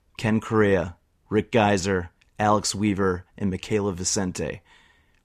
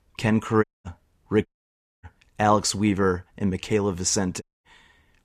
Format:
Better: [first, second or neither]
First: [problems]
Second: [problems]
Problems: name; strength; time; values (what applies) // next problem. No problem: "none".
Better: first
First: none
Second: audio cutting out; at 0.5 s, at 1.5 s for 0.5 s and at 4.5 s